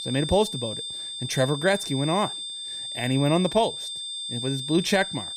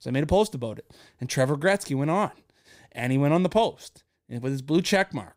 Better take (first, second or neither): second